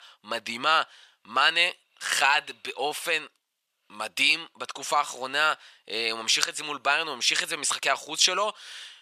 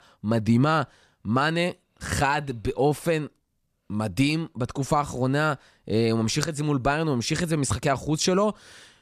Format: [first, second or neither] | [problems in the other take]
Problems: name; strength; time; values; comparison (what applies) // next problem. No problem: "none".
second | thin; very; fading below 900 Hz